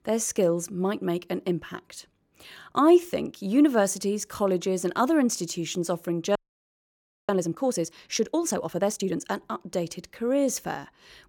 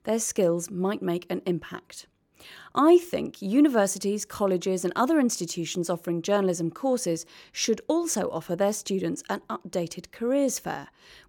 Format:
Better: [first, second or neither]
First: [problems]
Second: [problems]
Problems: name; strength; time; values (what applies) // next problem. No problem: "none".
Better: second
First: audio freezing; at 6.5 s for 1 s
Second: none